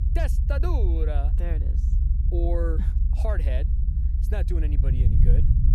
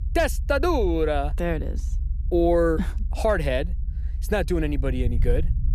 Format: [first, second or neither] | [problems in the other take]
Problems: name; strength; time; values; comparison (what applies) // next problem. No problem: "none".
second | low rumble; loud; throughout; 6 dB below the speech; faint in the second